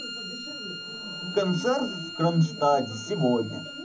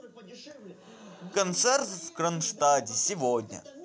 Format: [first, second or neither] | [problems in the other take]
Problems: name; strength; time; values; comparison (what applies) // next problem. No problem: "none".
second | background sound (Bowed string instrument); 11 dB below the speech // room echo; dies away in 0.4 s